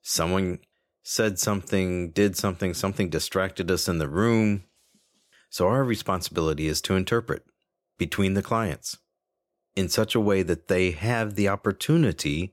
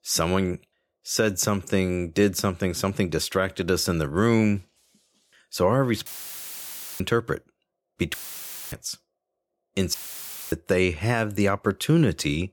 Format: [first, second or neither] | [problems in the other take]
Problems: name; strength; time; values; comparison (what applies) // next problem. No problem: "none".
first | audio cutting out; filled with static; at 6 s for 1 s, at 8 s for 0.5 s and at 10 s for 0.5 s